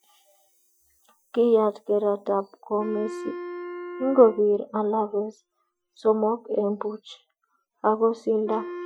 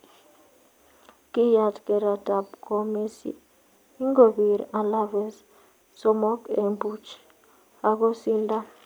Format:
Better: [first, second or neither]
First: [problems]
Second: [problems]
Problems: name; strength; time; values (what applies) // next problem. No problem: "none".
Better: second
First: noise reduction (classical method Wiener filter)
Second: none